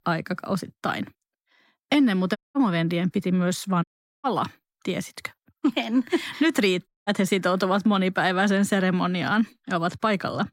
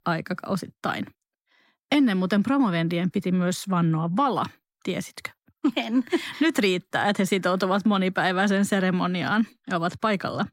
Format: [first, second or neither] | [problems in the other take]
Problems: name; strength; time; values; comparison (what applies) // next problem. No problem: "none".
second | audio cutting out; at 2.5 s, at 4 s and at 7 s